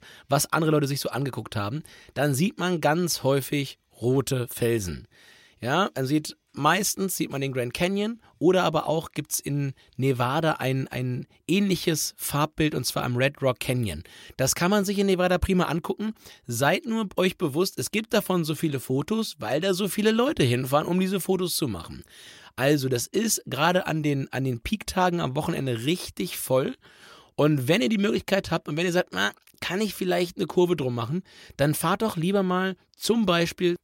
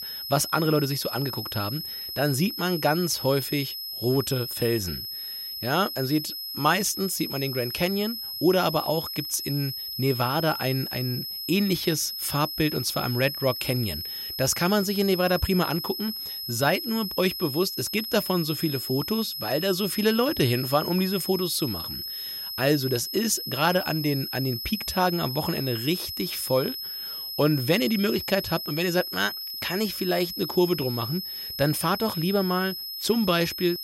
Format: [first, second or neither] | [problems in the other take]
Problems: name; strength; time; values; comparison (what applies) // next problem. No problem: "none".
first | high-pitched whine; loud; throughout; 5 kHz, 5 dB below the speech